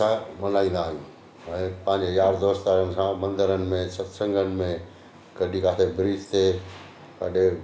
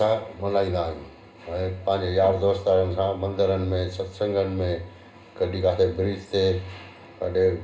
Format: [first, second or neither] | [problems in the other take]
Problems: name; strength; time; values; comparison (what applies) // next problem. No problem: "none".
first | room echo; dies away in 0.2 s